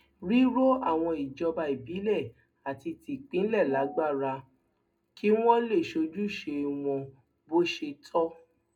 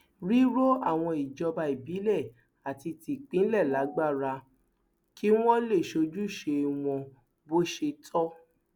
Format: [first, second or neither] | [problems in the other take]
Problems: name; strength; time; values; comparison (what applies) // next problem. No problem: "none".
second | room echo; dies away in 0.2 s